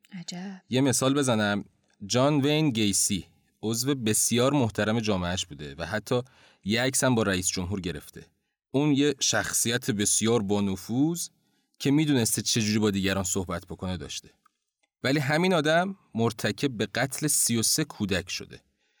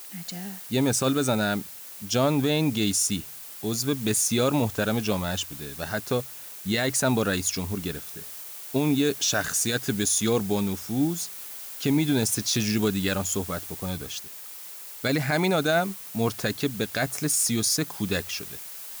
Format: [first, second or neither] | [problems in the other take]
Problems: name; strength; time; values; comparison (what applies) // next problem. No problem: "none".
first | hiss; noticeable; throughout; 10 dB below the speech